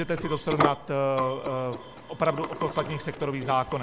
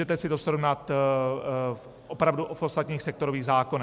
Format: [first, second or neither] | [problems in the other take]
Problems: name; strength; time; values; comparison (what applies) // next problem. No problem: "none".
second | noise reduction (neural mask model Resemble Enhance denoiser)